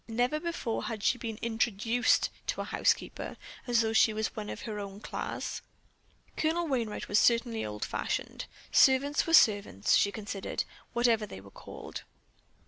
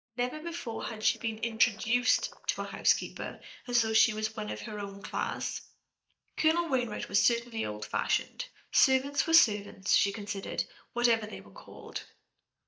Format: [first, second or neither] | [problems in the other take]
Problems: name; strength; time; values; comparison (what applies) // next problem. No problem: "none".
first | noise reduction (neural mask model DeepFilterNet 3)